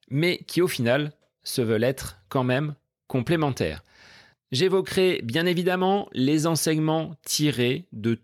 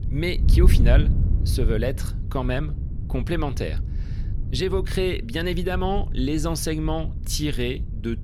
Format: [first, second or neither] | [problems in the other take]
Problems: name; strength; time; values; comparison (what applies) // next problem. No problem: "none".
first | wind noise on the microphone; occasional gusts; 15 dB below the speech